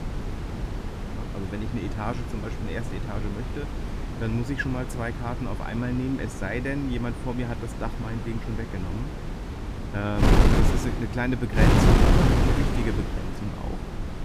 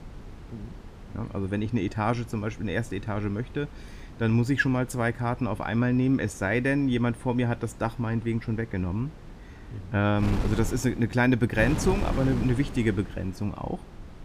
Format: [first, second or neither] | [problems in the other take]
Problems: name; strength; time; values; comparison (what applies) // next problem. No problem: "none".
second | wind noise on the microphone; heavy; 1 dB above the speech; occasional gusts in the second